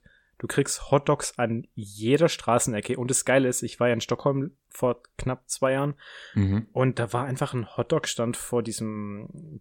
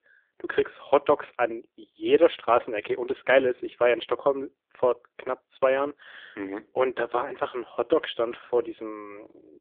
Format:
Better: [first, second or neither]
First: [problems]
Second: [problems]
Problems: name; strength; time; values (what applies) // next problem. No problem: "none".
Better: first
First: none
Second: phone-call audio; poor line